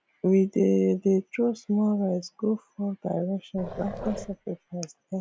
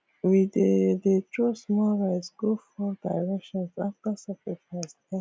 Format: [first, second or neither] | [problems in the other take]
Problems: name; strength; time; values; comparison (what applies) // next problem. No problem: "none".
second | background sound (Growling); 11 dB below the speech